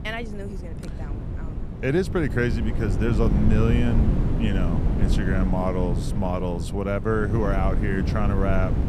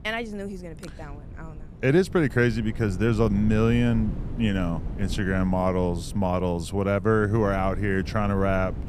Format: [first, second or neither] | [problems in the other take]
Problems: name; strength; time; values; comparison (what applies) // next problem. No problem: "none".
second | wind noise on the microphone; heavy; 7 dB below the speech; occasional gusts in the second